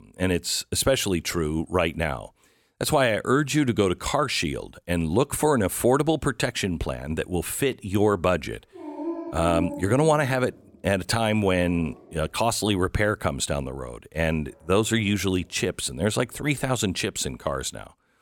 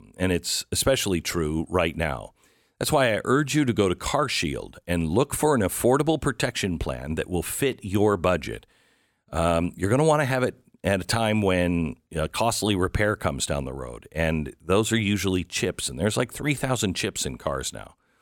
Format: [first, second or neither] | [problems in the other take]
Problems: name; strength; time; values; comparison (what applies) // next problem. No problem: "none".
second | dog barking; noticeable; from 9 to 12 s; peak 7 dB below the speech